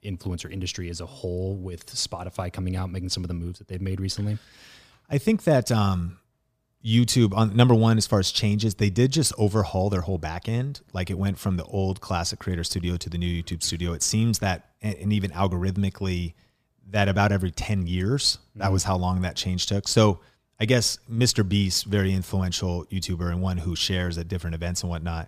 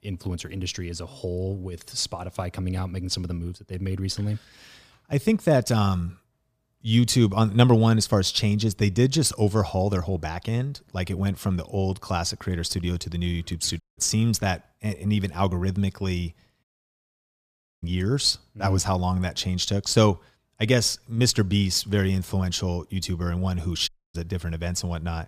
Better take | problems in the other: first | audio cutting out; at 14 s, at 17 s for 1 s and at 24 s

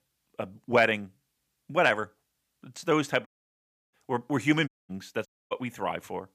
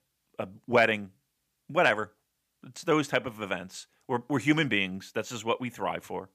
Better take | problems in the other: second | audio cutting out; at 3.5 s for 0.5 s, at 4.5 s and at 5.5 s

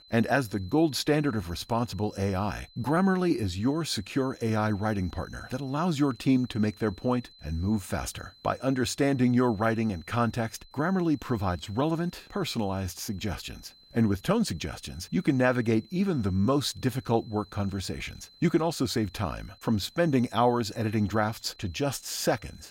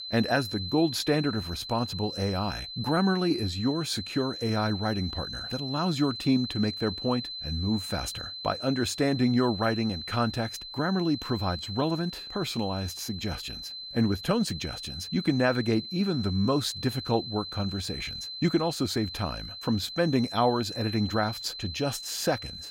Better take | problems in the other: first | high-pitched whine; loud; throughout; 4 kHz, 8 dB below the speech; faint in the first

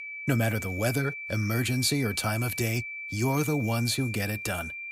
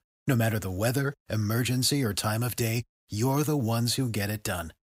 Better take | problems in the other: second | high-pitched whine; loud; throughout; 2.5 kHz, 7 dB below the speech

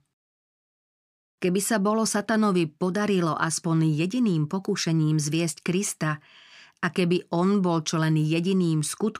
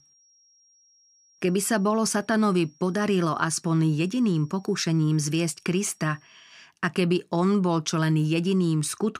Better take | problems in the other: first | high-pitched whine; faint; until 6.5 s; 5.5 kHz, 35 dB below the speech

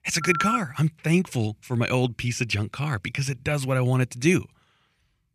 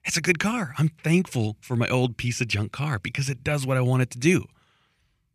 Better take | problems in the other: second | phone ringing; noticeable; at the start; peak 1 dB below the speech

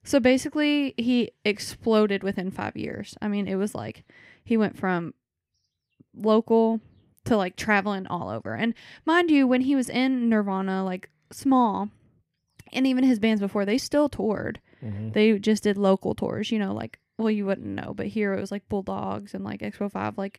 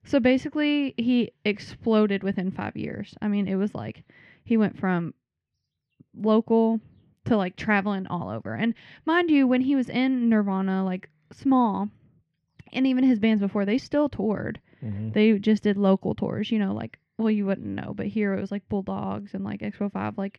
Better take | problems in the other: first | muffled; very slightly; fading above 3 kHz

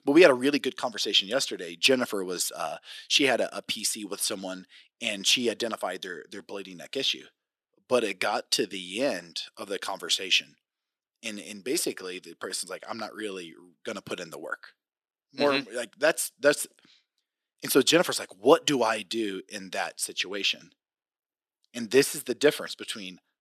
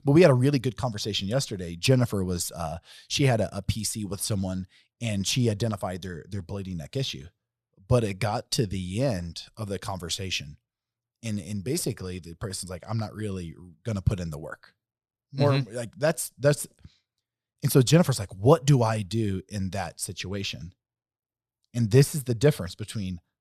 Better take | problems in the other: second | thin; somewhat; fading below 300 Hz

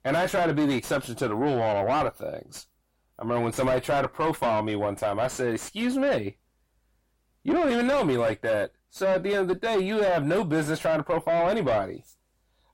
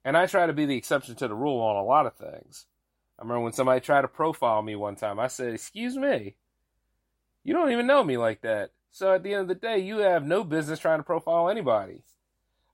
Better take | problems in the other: second | distortion; heavy; 6 dB below the speech

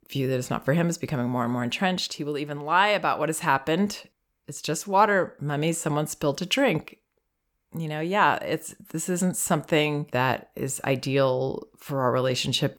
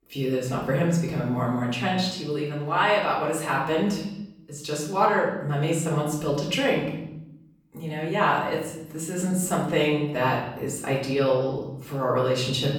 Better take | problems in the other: first | off-mic speech; far // room echo; noticeable; dies away in 0.9 s

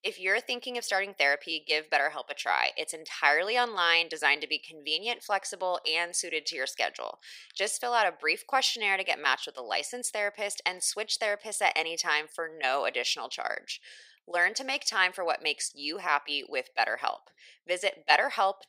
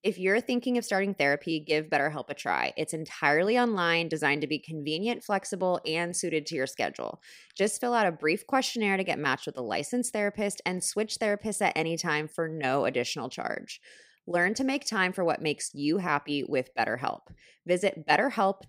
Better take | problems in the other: second | thin; very; fading below 750 Hz

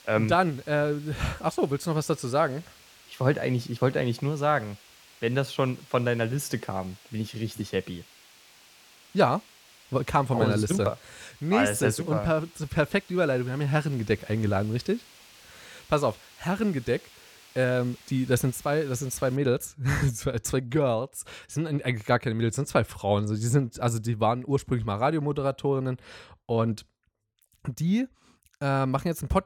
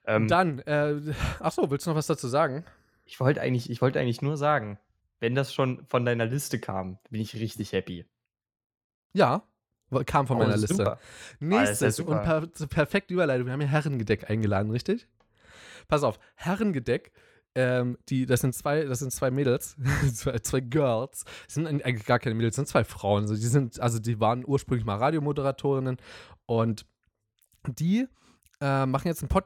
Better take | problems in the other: second | hiss; faint; until 19 s; 25 dB below the speech

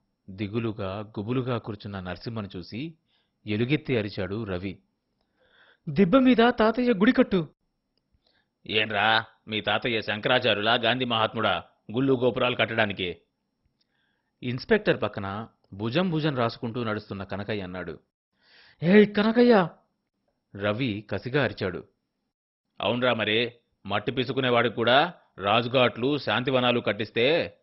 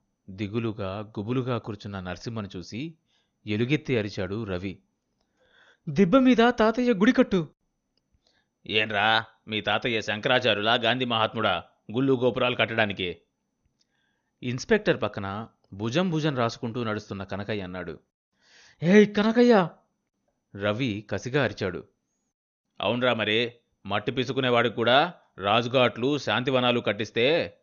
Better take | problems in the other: second | garbled, watery; badly; nothing above 5.5 kHz; slightly in the second

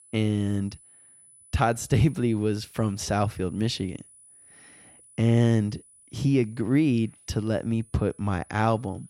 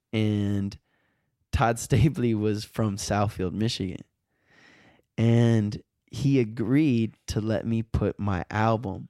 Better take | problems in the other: second | high-pitched whine; faint; throughout; 10 kHz, 25 dB below the speech

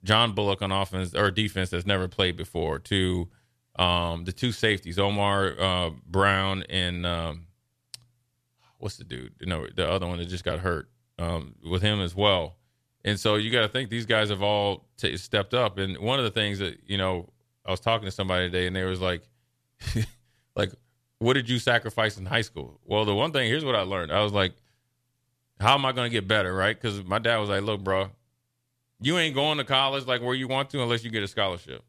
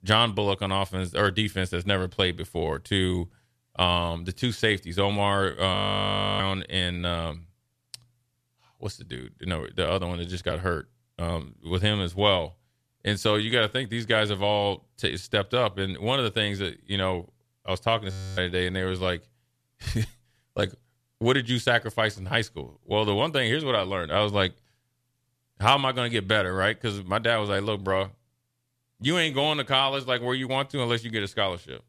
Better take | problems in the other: first | audio freezing; at 6 s for 0.5 s and at 18 s

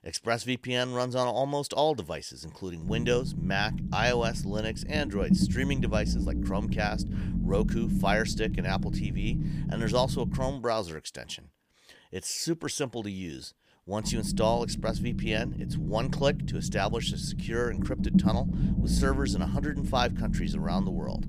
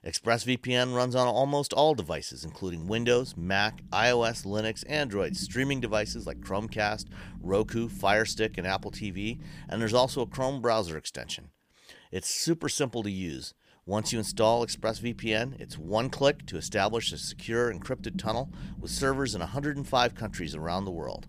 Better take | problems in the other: second | low rumble; loud; from 3 to 11 s and from 14 s on; 9 dB below the speech; faint in the second

